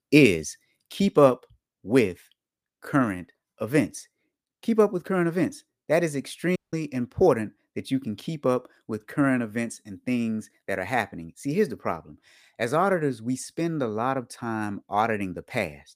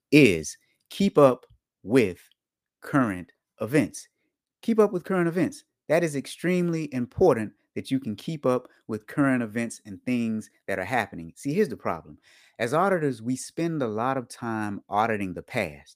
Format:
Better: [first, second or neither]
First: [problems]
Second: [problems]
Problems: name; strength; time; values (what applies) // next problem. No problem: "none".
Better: second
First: audio cutting out; at 6.5 s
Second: none